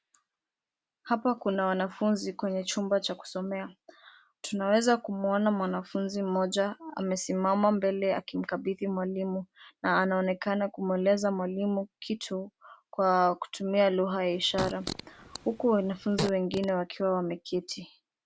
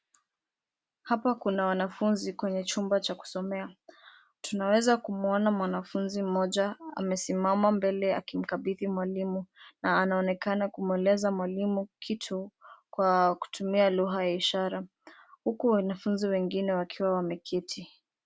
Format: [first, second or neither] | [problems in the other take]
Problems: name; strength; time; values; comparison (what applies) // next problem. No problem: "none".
second | background sound (Fart); 9 dB below the speech